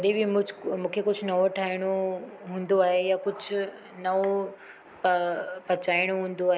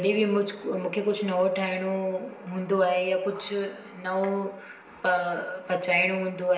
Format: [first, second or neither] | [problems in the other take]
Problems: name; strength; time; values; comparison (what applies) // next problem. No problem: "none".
first | room echo; dies away in 0.8 s